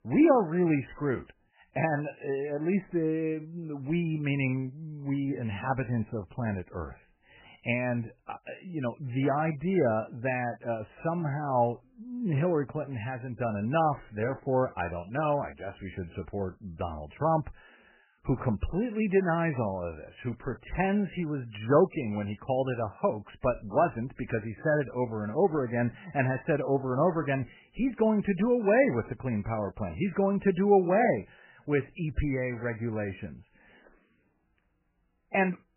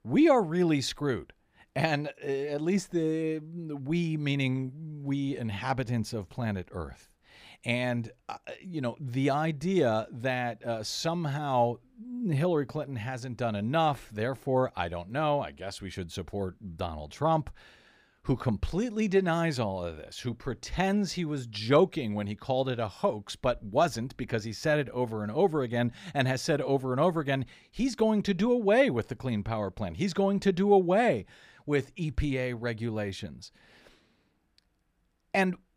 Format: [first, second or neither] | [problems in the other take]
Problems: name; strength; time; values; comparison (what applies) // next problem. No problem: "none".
second | garbled, watery; badly; nothing above 2.5 kHz